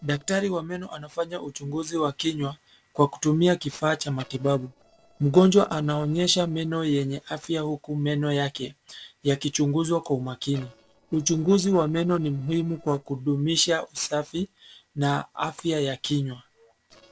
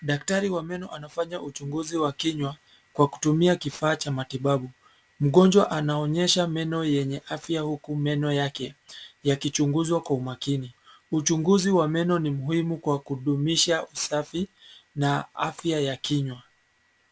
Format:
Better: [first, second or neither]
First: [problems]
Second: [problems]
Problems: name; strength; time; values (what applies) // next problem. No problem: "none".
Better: second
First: noise reduction (neural separator model SepFormer DNS4)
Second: none